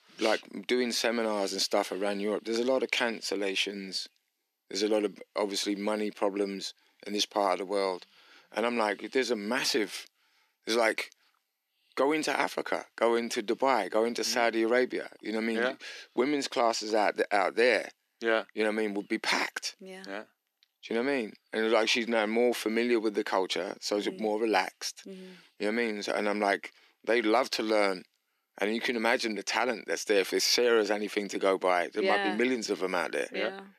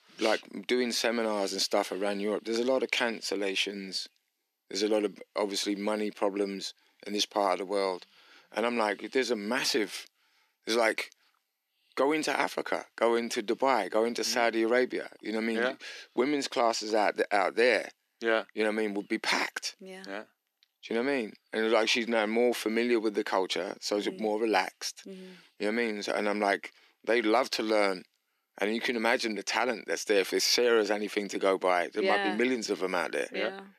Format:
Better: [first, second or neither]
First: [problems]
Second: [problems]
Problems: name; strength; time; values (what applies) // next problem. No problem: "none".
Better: neither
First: thin; somewhat; fading below 300 Hz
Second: thin; somewhat; fading below 300 Hz